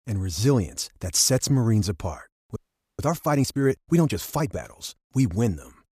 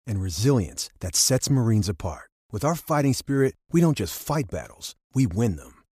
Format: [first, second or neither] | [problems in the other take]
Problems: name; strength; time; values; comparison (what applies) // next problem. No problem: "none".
second | audio freezing; at 2.5 s